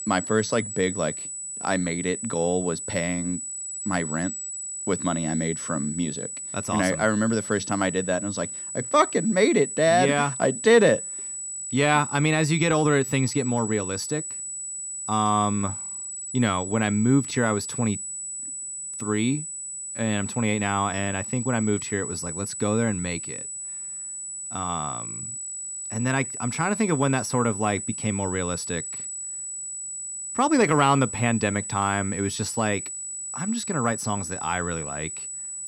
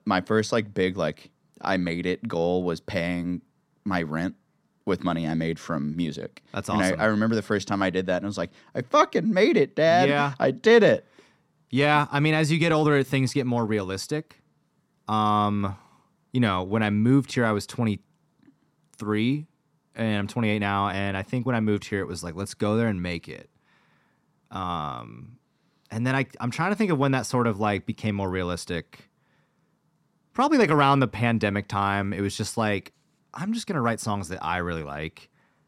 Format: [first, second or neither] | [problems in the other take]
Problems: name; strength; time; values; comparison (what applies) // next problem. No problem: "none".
second | high-pitched whine; loud; throughout; 8 kHz, 6 dB below the speech